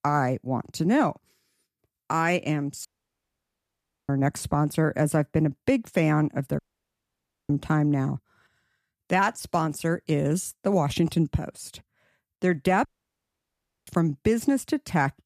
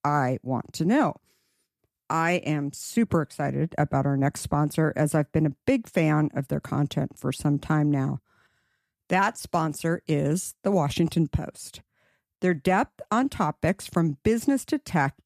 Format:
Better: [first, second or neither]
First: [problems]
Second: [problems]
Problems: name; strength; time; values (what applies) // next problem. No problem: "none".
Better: second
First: audio cutting out; at 3 s for 1 s, at 6.5 s for 1 s and at 13 s for 1 s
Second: none